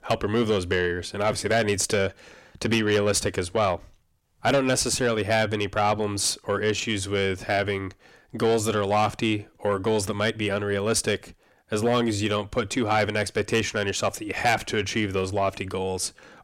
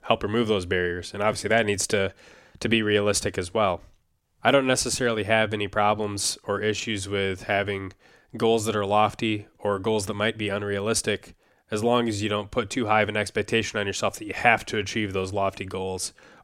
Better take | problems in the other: second | distortion; slight; 10 dB below the speech

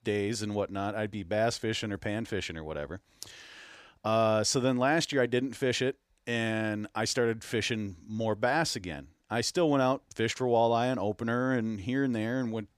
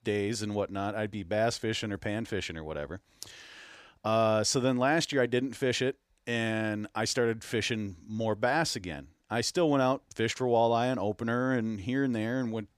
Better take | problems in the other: neither | none

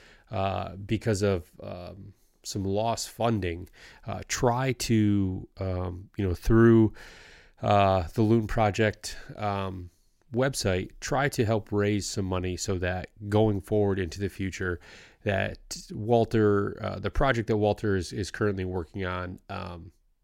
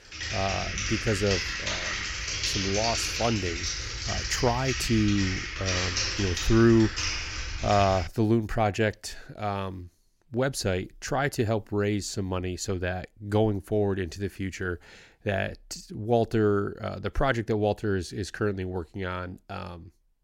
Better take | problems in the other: first | keyboard typing; loud; until 8 s; peak 2 dB above the speech

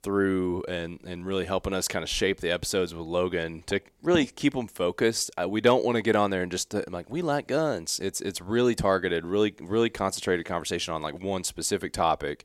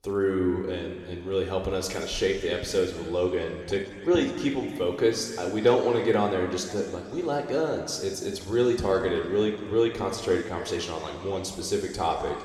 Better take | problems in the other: first | room echo; noticeable; dies away in 2 s // off-mic speech; somewhat distant

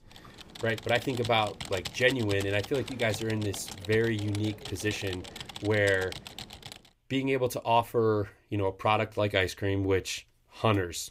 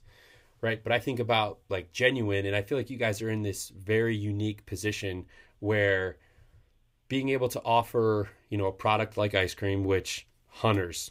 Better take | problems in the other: second | keyboard typing; noticeable; until 7 s; peak 9 dB below the speech

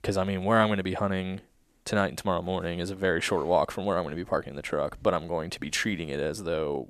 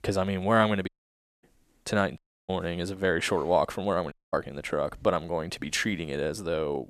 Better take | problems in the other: first | audio cutting out; at 1 s for 0.5 s, at 2 s and at 4 s

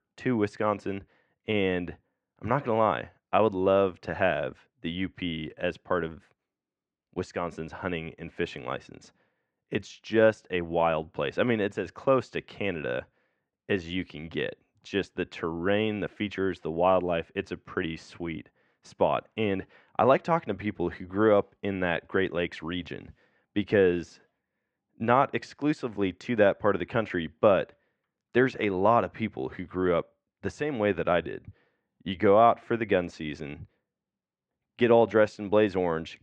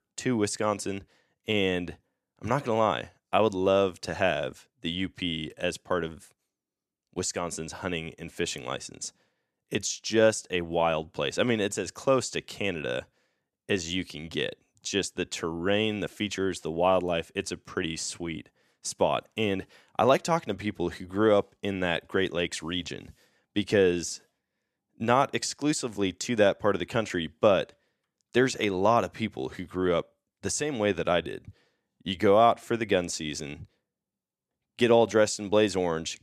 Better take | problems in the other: second | muffled; very; fading above 2 kHz

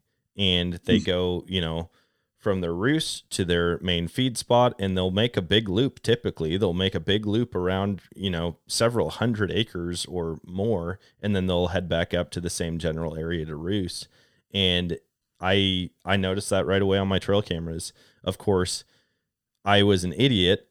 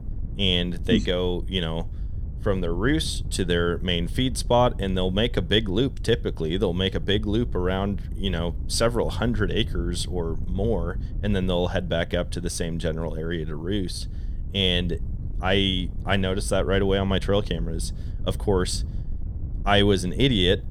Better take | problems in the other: first | wind noise on the microphone; occasional gusts; 25 dB below the speech

